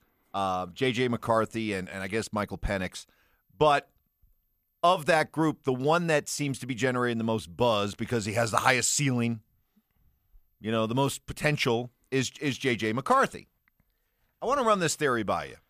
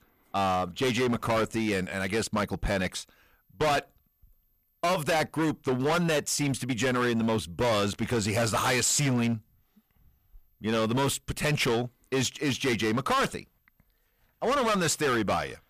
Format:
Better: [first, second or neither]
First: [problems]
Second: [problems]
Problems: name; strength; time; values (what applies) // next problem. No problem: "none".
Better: first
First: none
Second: distortion; heavy; 16% of the sound clipped